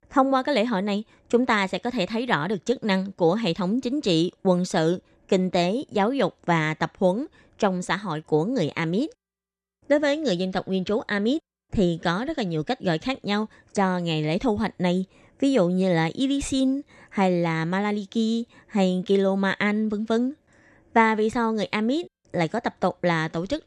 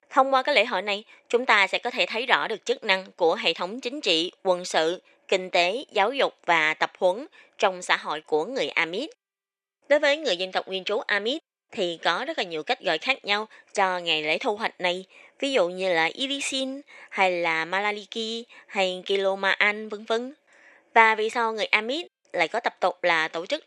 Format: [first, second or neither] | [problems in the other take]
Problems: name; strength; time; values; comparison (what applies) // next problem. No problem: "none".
first | thin; very; fading below 550 Hz